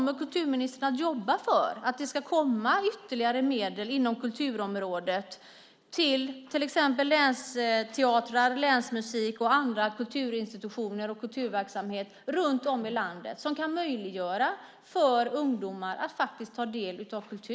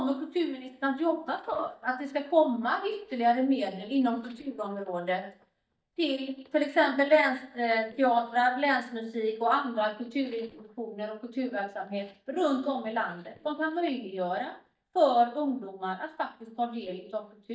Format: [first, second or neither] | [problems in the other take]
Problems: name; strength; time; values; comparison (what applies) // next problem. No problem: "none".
first | noise reduction (neural mask model DeepFilterNet 3)